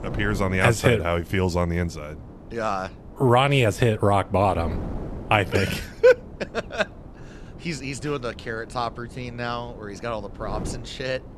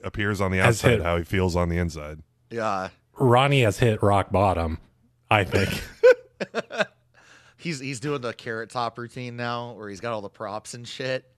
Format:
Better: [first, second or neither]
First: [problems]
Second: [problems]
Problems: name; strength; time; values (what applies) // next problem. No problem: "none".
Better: second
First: wind noise on the microphone; occasional gusts; 20 dB below the speech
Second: none